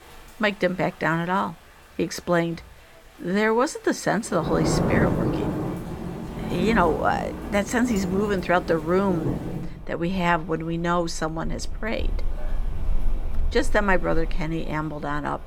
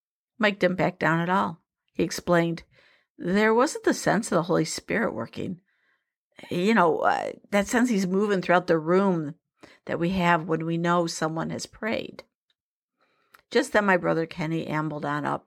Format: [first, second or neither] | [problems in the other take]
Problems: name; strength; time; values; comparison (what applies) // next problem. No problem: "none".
second | rain or running water; loud; throughout; 5 dB below the speech